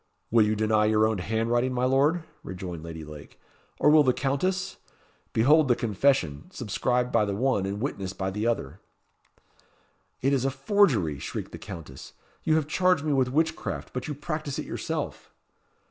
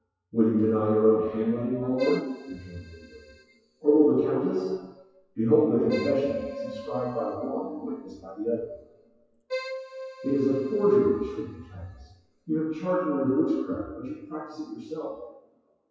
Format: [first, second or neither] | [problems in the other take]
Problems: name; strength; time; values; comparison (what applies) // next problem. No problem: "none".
first | noise reduction (classical method WPE with log-MMSE)